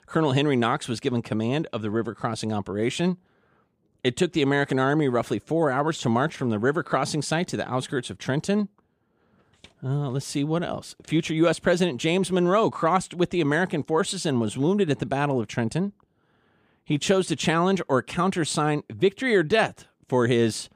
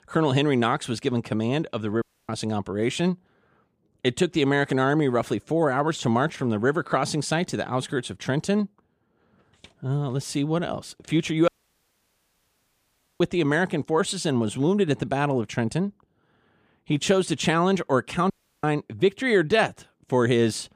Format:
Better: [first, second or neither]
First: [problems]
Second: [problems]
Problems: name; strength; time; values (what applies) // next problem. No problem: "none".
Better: first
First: none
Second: audio cutting out; at 2 s, at 11 s for 1.5 s and at 18 s